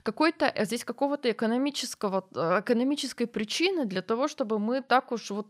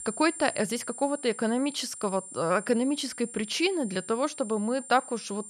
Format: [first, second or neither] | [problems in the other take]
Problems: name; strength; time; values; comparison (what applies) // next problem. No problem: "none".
first | high-pitched whine; noticeable; throughout; 9.5 kHz, 10 dB below the speech